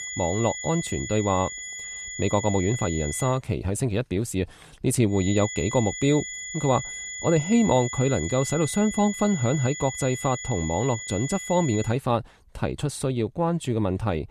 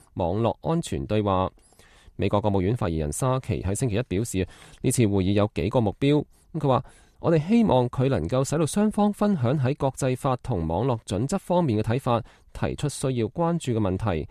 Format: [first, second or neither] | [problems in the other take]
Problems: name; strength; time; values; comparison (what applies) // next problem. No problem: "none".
second | high-pitched whine; loud; until 3.5 s and from 5 to 12 s; 7 kHz, 8 dB below the speech